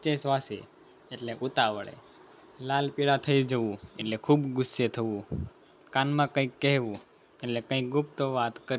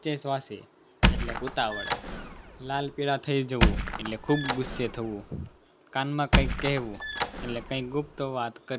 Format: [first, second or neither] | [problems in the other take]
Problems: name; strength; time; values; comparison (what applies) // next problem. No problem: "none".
first | background sound (Squeak); 2 dB above the speech